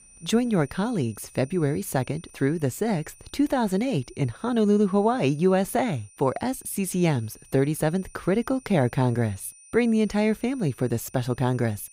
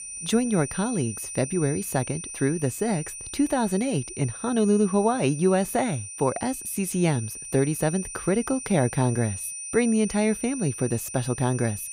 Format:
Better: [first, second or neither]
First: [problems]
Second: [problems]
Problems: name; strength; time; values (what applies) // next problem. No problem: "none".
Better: first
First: high-pitched whine; faint; throughout; 9 kHz, 25 dB below the speech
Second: high-pitched whine; loud; throughout; 9 kHz, 9 dB below the speech